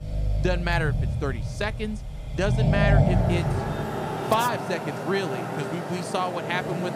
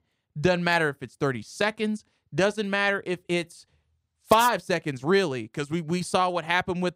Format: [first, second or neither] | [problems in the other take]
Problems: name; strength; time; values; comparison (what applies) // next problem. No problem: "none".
second | traffic noise; very loud; throughout; 2 dB above the speech